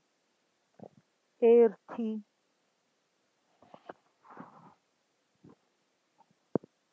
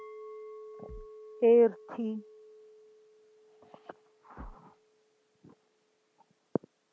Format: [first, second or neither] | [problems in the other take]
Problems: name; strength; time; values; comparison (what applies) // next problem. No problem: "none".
first | background sound (Bass drum + Chink, clink); 18 dB below the speech